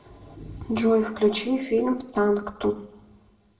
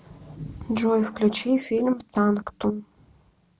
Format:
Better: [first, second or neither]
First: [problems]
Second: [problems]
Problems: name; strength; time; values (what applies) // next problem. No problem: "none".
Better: second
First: room echo; dies away in 0.6 s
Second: none